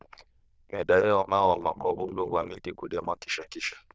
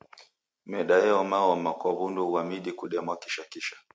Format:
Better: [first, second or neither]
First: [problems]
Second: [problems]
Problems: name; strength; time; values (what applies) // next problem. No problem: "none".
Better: second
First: noise reduction (neural diffusion model UNIVERSE++)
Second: none